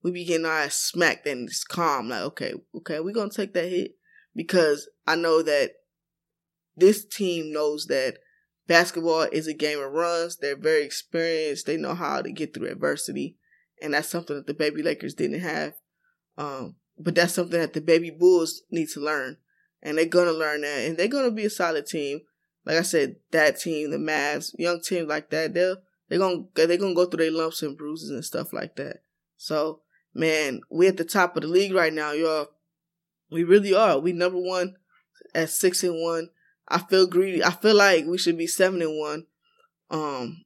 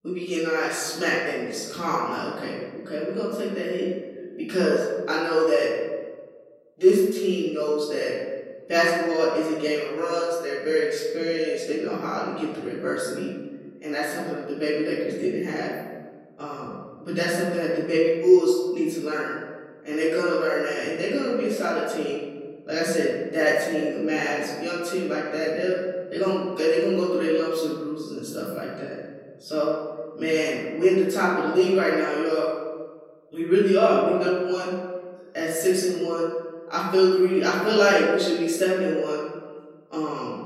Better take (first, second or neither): first